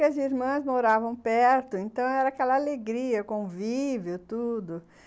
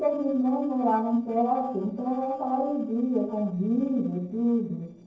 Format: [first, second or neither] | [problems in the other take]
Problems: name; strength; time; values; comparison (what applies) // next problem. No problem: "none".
first | noise reduction (neural separator model SepFormer DNS4)